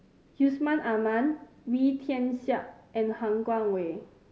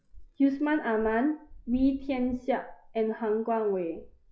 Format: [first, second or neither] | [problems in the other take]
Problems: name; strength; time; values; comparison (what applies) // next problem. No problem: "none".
first | noise reduction (classical method log-MMSE)